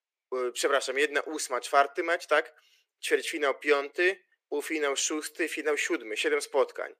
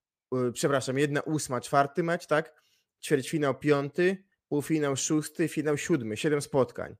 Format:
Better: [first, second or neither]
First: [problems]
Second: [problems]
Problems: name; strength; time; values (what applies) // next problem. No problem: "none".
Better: second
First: thin; very; fading below 350 Hz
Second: none